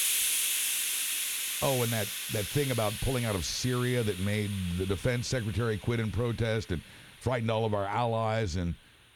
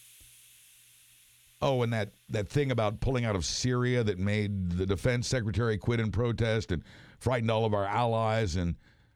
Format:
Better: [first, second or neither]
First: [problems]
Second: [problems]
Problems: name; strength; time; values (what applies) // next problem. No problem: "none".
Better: second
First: hiss; loud; throughout; as loud as the speech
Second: hiss; faint; throughout; 30 dB below the speech